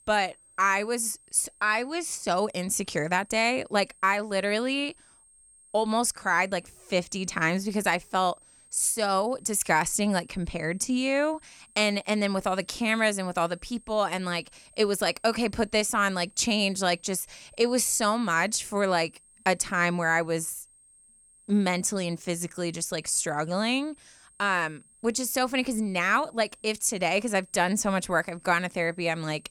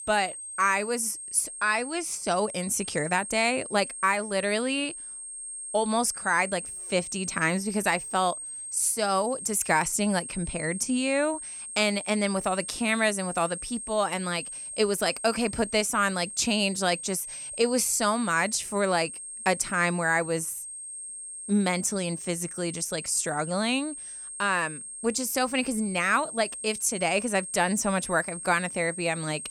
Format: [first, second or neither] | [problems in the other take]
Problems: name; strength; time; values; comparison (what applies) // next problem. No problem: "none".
first | high-pitched whine; loud; throughout; 8.5 kHz, 9 dB below the speech; faint in the first